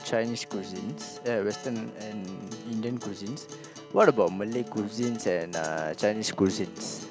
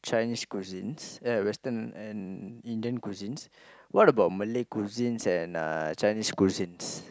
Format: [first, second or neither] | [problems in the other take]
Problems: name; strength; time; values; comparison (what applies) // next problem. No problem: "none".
second | background sound (Acoustic guitar); 13 dB below the speech